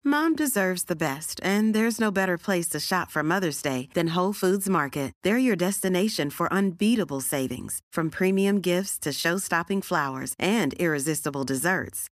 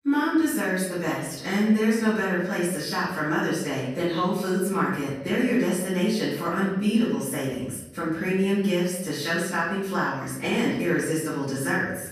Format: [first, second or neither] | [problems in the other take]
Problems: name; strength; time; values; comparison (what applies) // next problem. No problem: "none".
first | off-mic speech; far // room echo; noticeable; dies away in 0.9 s